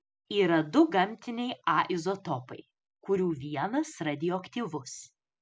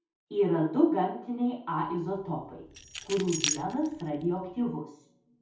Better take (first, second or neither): first